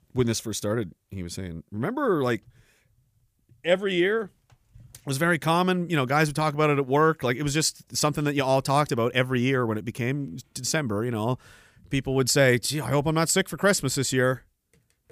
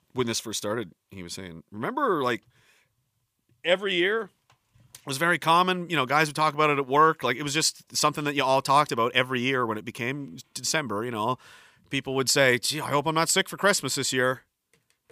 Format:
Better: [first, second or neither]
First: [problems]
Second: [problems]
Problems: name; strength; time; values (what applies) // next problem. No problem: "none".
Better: first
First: none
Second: thin; very slightly; fading below 250 Hz